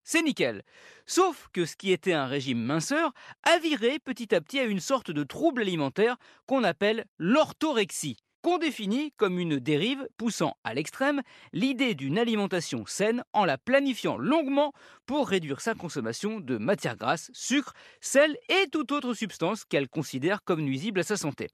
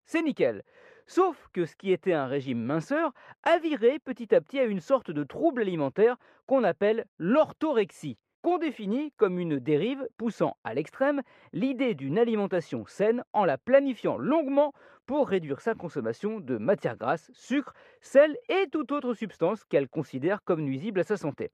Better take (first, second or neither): first